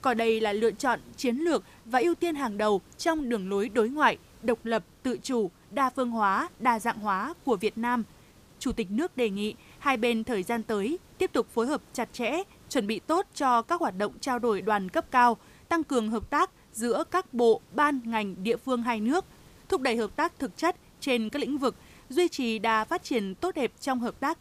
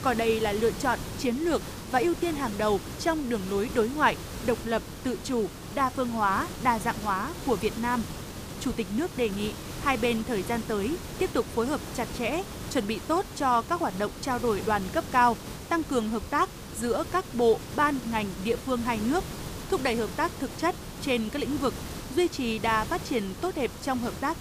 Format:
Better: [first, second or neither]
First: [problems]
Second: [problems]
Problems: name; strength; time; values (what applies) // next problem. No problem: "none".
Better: first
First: hiss; faint; throughout; 25 dB below the speech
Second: hiss; loud; throughout; 10 dB below the speech